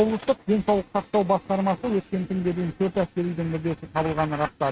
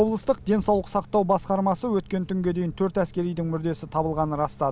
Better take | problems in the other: second | noise reduction (neural mask model RNNoise)

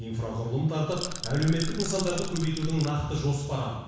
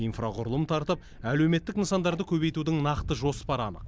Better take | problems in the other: second | background sound (Rattle / Rattle (instrument)); 6 dB below the speech // room echo; dies away in 1.1 s

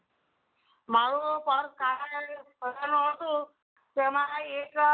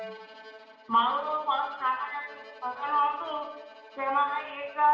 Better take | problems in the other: first | background sound (Bowed string instrument); 19 dB below the speech // room echo; dies away in 1.1 s

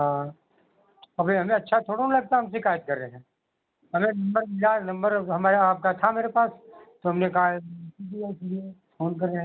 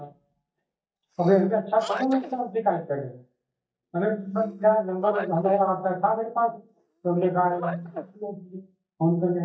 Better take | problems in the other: first | noise reduction (neural mask model DeepFilterNet 3)

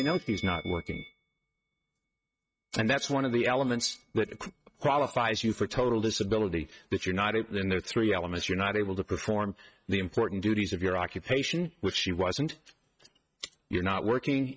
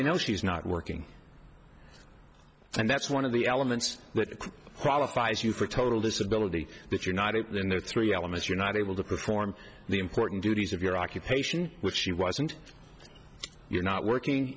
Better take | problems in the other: second | noise reduction (neural mask model RNNoise)

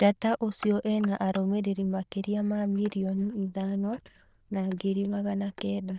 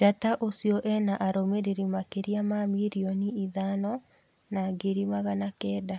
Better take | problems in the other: second | noise reduction (neural diffusion model UNIVERSE++)

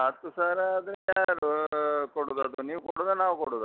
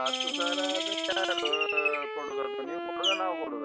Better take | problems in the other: first | background sound (Bird + Wind instrument, woodwind instrument); 3 dB above the speech

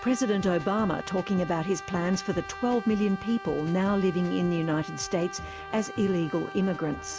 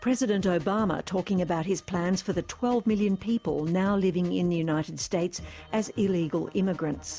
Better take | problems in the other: second | background sound (Brass instrument); 13 dB below the speech

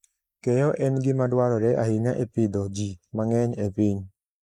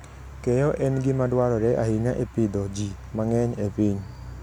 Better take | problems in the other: second | noise reduction (neural mask model Resemble Enhance denoiser)

